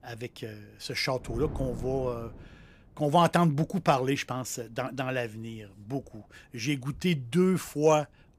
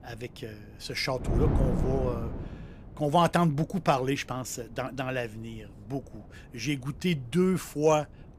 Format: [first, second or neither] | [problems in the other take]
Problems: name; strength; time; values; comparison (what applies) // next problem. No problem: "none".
first | wind noise on the microphone; heavy; 9 dB below the speech; occasional gusts in the first